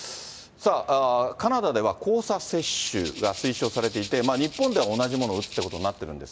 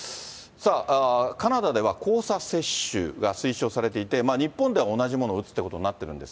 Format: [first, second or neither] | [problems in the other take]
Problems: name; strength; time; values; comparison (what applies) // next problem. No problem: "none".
second | background sound (Rattle (instrument)); 12 dB below the speech